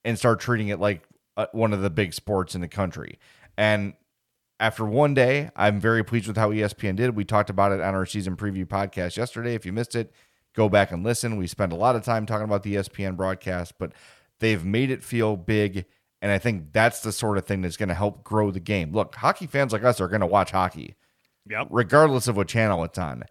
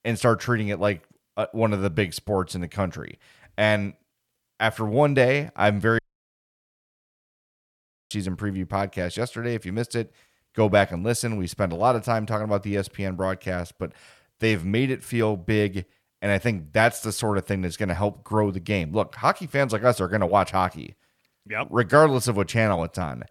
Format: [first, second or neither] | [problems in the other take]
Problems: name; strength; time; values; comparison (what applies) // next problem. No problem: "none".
first | audio cutting out; at 6 s for 2 s